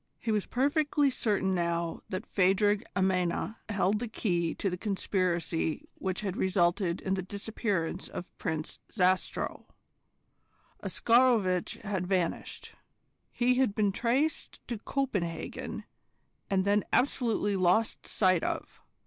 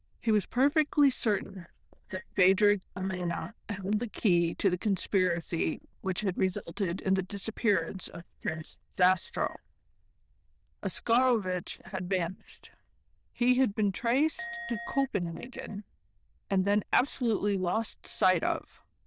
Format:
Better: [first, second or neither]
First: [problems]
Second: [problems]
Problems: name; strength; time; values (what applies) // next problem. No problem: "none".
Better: first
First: none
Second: noise reduction (neural diffusion model UNIVERSE++)